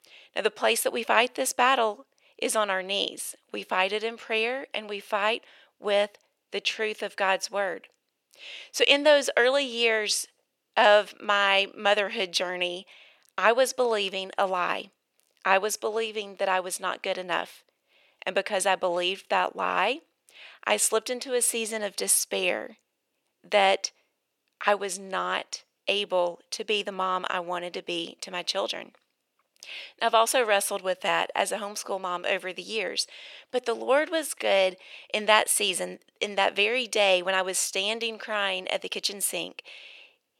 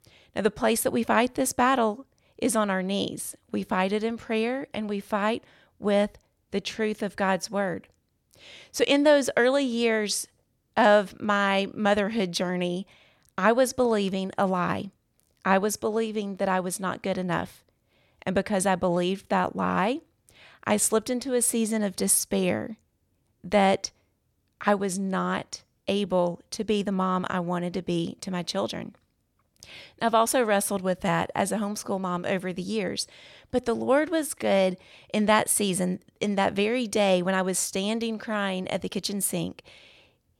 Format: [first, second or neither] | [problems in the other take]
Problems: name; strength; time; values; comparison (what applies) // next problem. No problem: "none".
second | thin; somewhat; fading below 500 Hz